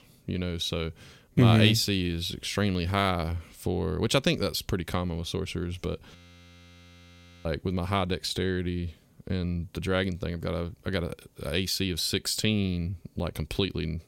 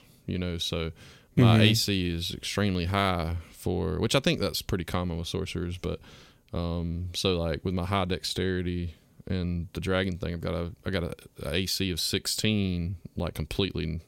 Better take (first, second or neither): second